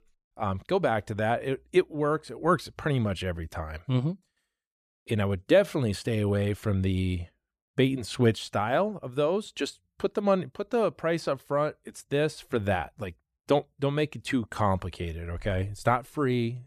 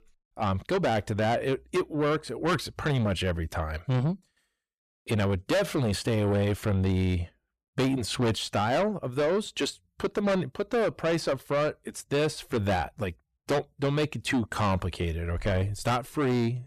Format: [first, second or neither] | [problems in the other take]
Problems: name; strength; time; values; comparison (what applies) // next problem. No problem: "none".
first | distortion; heavy; 7 dB below the speech